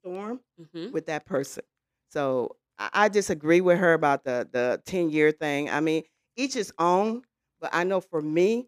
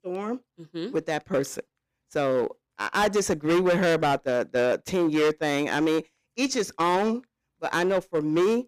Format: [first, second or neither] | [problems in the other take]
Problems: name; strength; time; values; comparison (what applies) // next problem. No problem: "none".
first | distortion; heavy; 10% of the sound clipped